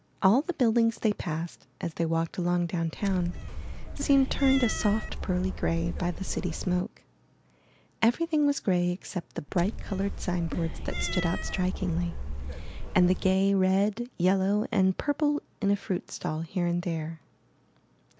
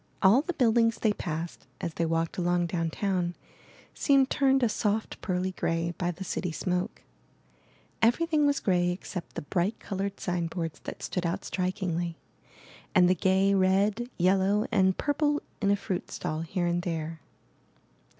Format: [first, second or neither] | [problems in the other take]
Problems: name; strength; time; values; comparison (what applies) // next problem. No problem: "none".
second | background sound (Cat); 5 dB below the speech